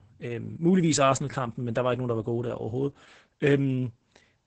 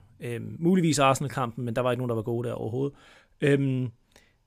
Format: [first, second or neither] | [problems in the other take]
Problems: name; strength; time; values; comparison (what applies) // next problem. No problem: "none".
second | garbled, watery; badly; nothing above 8 kHz